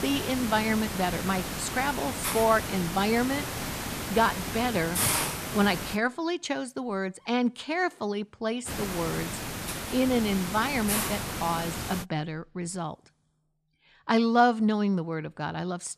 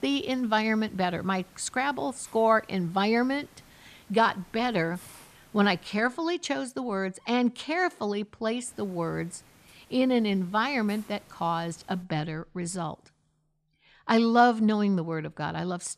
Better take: second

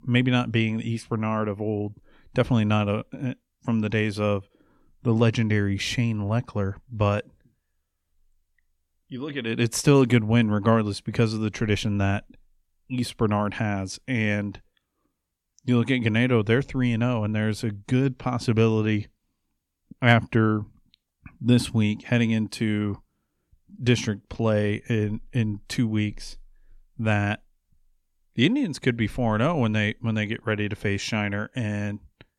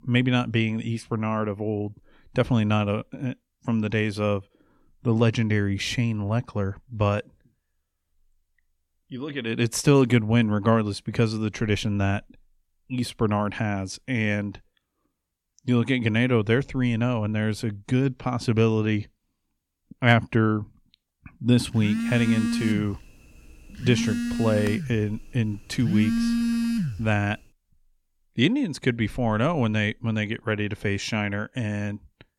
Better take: first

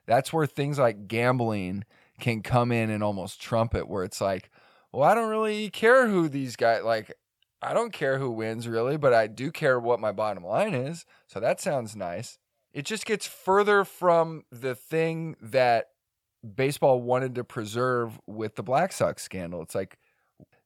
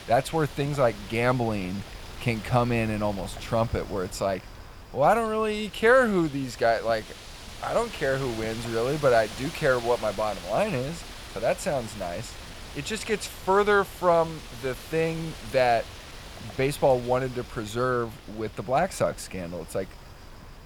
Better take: first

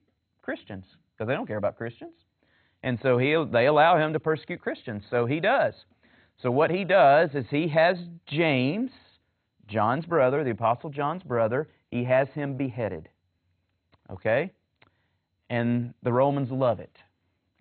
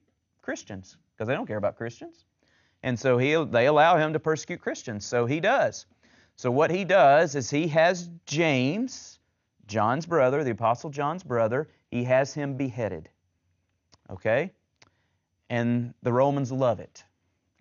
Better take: second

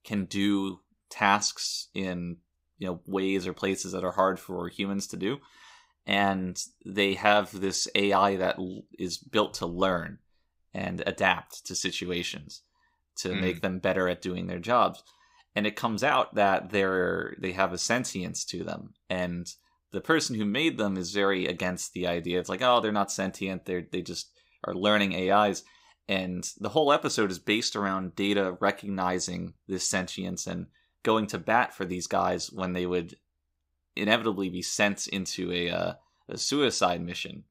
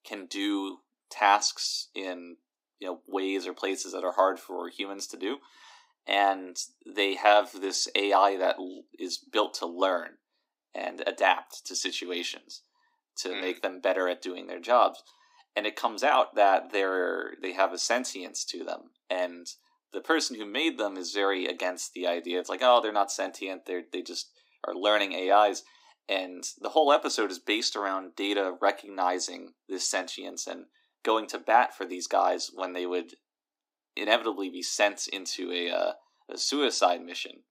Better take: first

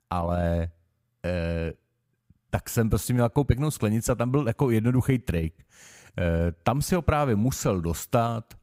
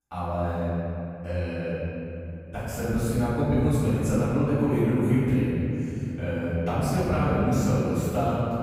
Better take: first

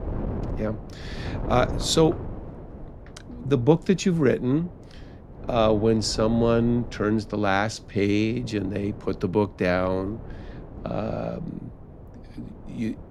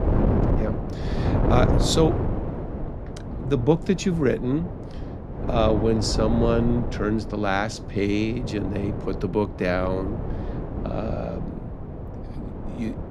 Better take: first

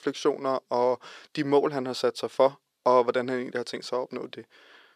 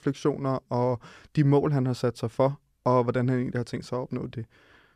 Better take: second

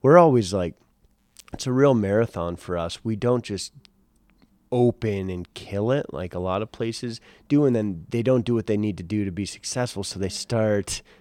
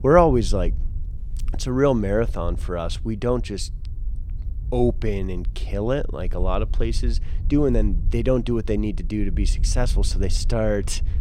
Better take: first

